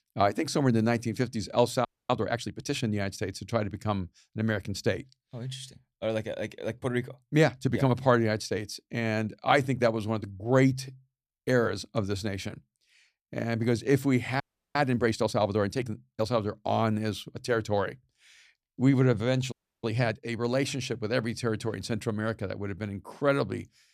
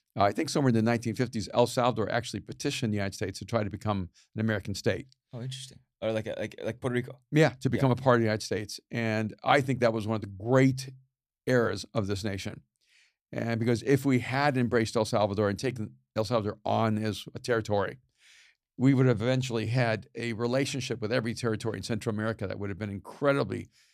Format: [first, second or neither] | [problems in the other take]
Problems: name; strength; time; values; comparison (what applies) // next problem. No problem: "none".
second | audio freezing; at 2 s, at 14 s and at 20 s